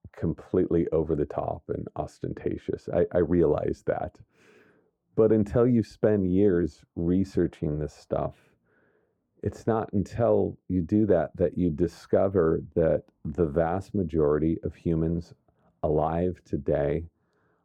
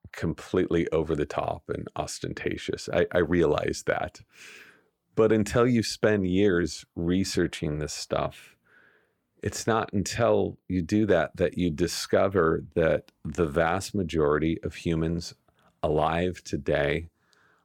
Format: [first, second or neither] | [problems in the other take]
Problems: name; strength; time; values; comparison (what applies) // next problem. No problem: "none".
second | muffled; very; fading above 1.5 kHz